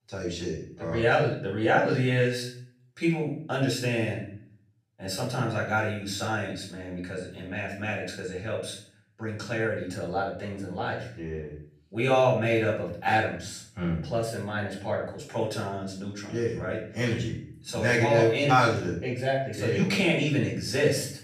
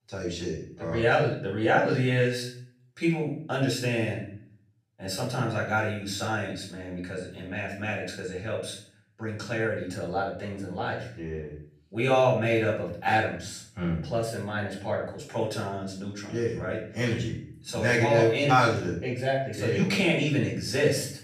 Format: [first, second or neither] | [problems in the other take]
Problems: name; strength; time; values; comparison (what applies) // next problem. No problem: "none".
neither | off-mic speech; far; the same in both // room echo; noticeable; dies away in 0.5 s; the same in both